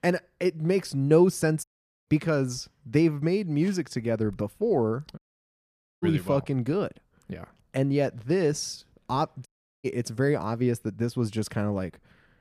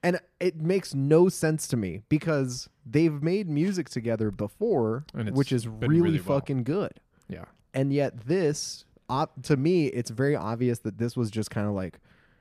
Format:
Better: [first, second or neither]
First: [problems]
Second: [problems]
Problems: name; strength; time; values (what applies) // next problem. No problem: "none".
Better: second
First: audio cutting out; at 1.5 s, at 5 s for 1 s and at 9.5 s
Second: none